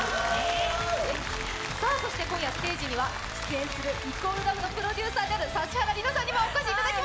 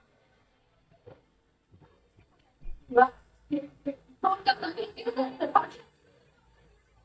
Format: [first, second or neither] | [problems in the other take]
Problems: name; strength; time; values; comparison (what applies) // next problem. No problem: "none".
first | noise reduction (neural mask model DeepFilterNet 3)